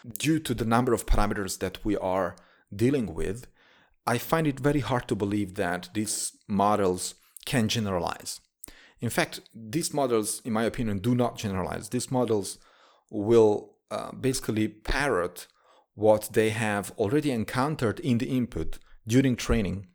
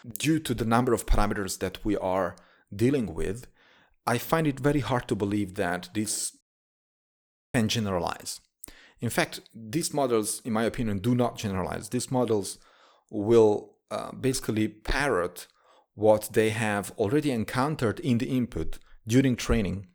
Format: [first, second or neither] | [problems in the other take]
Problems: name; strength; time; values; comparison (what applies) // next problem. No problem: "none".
first | audio cutting out; at 6.5 s for 1 s